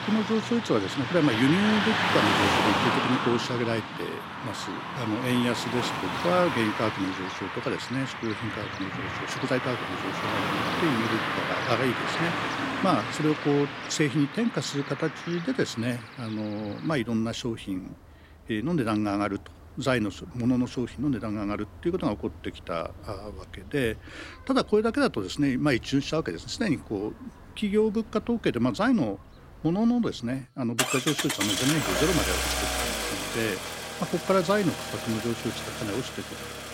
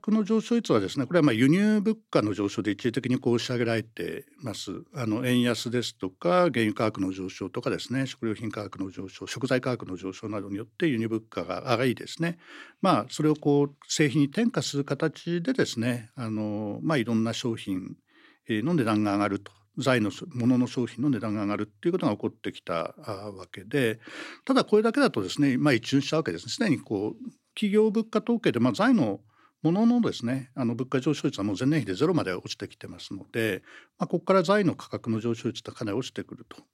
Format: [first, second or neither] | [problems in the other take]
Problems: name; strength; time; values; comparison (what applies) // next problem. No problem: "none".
second | traffic noise; loud; throughout; 1 dB below the speech